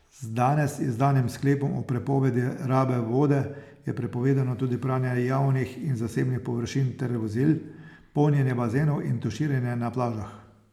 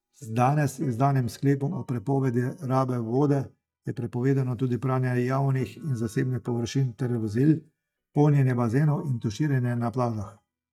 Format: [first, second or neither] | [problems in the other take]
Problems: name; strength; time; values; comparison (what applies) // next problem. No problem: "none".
first | noise reduction (neural mask model DeepFilterNet 3)